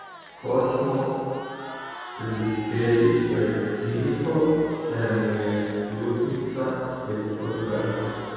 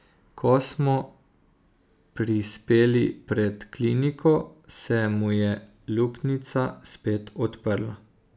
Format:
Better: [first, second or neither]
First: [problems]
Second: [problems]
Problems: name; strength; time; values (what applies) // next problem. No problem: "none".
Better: second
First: background sound (Crowd); 15 dB below the speech // room echo; dies away in 2.2 s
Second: none